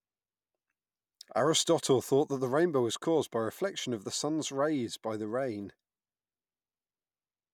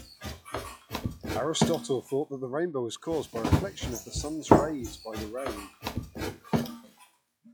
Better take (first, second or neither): first